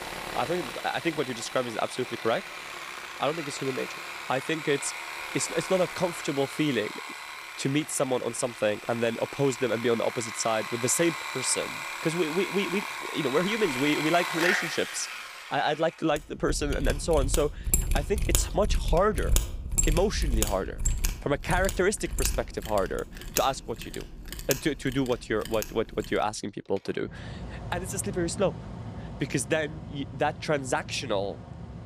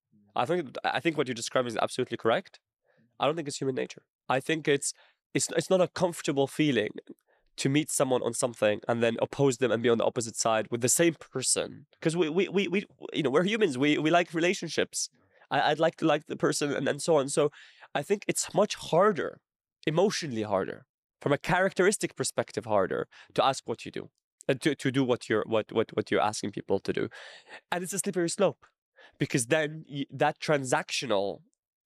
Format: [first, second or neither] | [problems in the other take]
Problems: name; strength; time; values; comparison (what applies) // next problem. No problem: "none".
second | machinery noise; loud; throughout; 5 dB below the speech